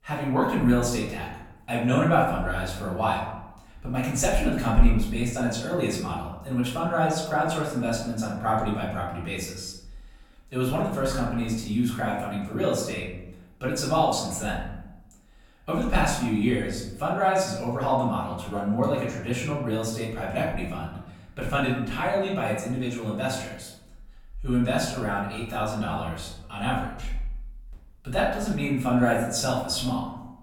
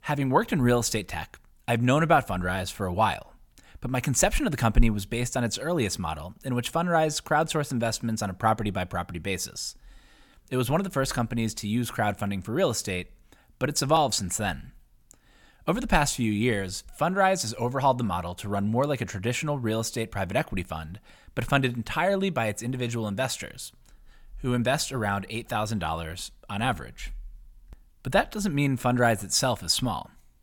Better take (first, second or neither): second